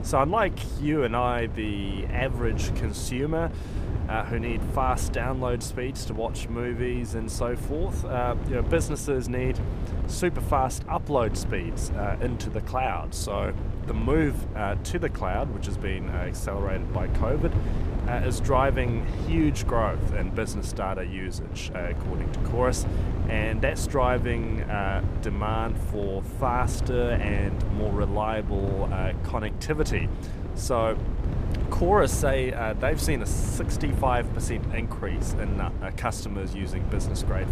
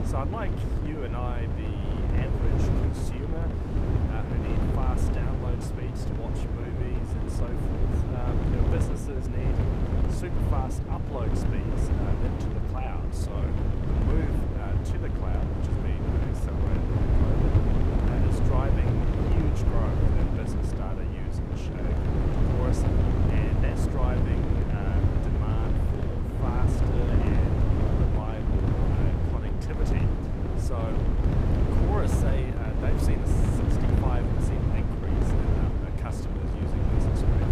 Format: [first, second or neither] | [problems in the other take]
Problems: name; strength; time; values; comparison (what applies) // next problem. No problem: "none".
first | wind noise on the microphone; heavy; 5 dB above the speech; occasional gusts in the first